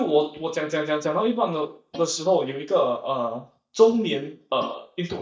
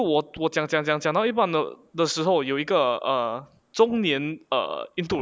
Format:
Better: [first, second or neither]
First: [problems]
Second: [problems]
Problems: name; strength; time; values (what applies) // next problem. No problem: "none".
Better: second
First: noise reduction (neural mask model DeepFilterNet 3)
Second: none